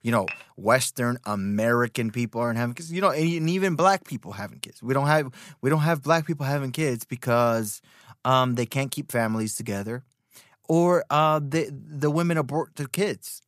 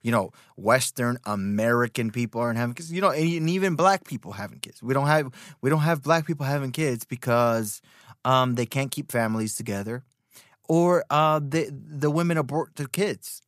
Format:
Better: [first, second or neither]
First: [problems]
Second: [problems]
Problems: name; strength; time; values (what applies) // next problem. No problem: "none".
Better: second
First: clattering dishes; faint; at 0.5 s; peak 10 dB below the speech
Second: none